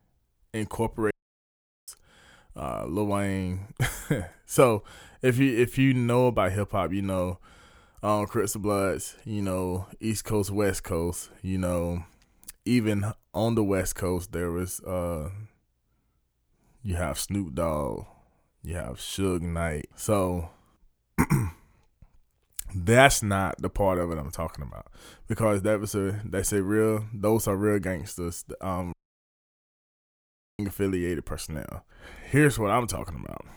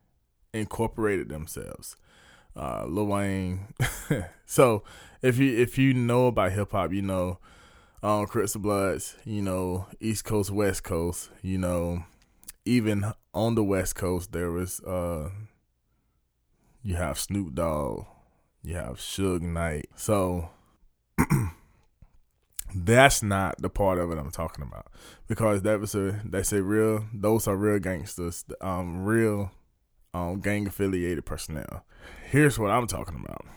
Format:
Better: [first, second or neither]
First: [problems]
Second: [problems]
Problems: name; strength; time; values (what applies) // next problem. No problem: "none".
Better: second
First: audio cutting out; at 1 s for 1 s and at 29 s for 1.5 s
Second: none